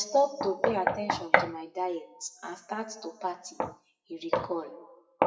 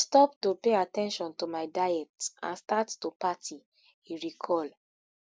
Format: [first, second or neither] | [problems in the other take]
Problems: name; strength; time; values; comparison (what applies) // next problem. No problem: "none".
second | noise reduction (classical method WPE with log-MMSE)